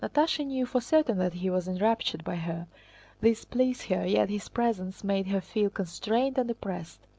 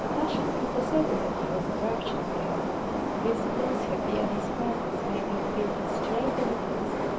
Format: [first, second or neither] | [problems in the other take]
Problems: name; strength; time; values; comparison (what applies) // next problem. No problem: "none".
first | background sound (Subway, metro, underground); 4 dB above the speech // room echo; dies away in 0.3 s